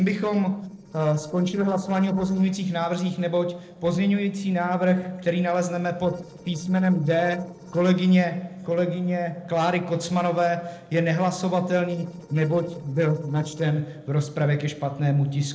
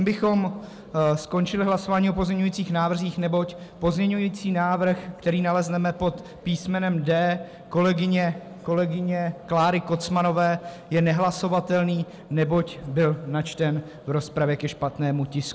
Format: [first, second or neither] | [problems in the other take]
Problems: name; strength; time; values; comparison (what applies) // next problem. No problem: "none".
second | noise reduction (neural separator model SepFormer DNS4)